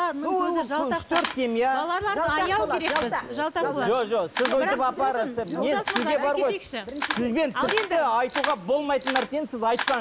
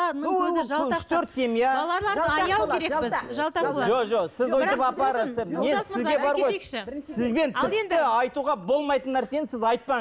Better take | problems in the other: second | background sound (Camera); 10 dB below the speech

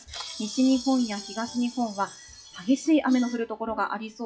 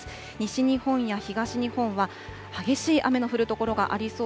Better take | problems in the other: second | noise reduction (classical method WPE with log-MMSE)

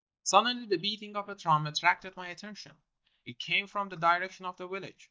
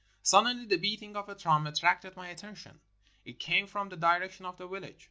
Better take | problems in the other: second | noise reduction (neural mask model DeepFilterNet 3)

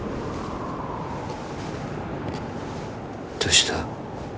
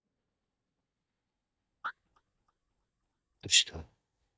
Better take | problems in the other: first | noise reduction (neural mask model DeepFilterNet 3)

